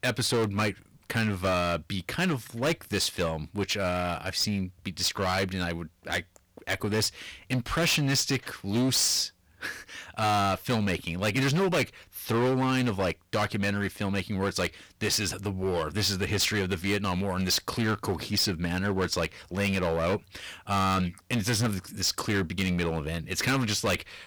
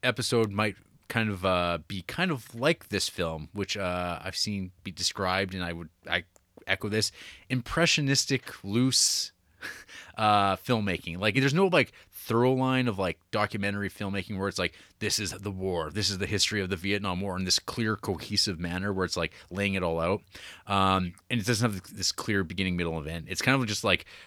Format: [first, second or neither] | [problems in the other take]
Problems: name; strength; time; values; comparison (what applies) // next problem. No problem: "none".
second | distortion; heavy; 12% of the sound clipped